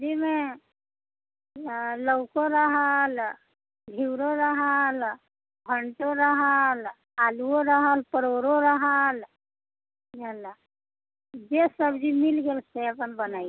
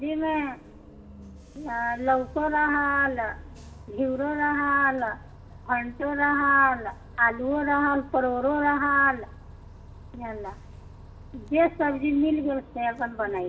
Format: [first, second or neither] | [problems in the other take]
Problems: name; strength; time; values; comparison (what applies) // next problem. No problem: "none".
first | background sound (Bus); 19 dB below the speech // room echo; dies away in 0.5 s